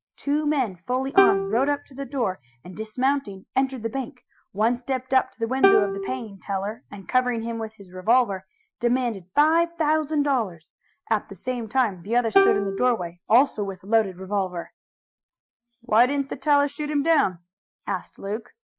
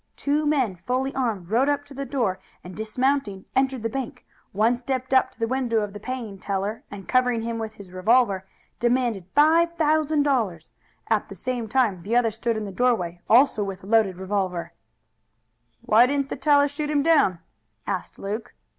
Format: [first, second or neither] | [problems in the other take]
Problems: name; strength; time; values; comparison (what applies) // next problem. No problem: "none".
second | noise reduction (classical method Wiener filter)